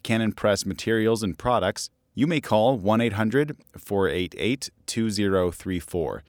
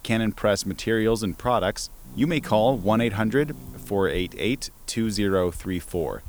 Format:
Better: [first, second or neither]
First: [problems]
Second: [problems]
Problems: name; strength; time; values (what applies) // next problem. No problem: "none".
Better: first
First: none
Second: hiss; noticeable; throughout; 20 dB below the speech